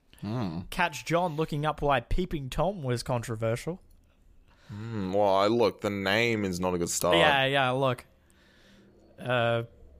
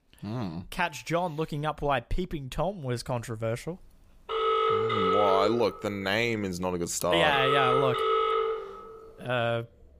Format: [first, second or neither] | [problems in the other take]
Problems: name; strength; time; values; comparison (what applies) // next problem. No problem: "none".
first | phone ringing; loud; from 4.5 to 9 s; peak 4 dB above the speech